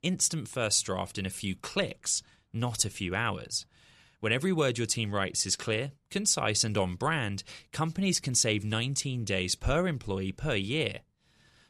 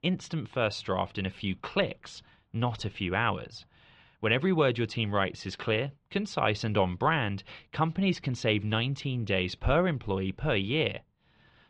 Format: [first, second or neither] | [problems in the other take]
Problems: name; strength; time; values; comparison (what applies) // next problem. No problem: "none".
first | muffled; very; fading above 3.5 kHz